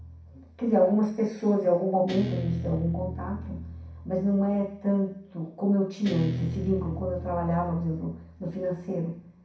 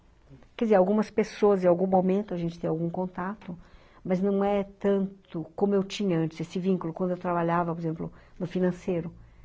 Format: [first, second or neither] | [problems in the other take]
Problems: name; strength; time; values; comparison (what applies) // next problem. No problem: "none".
second | background sound (Guitar); 10 dB below the speech // room echo; dies away in 0.6 s